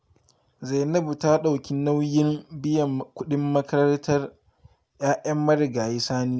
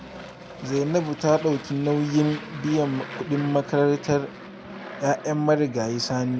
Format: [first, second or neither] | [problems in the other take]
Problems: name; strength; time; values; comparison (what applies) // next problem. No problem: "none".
first | background sound (Aircraft); 14 dB below the speech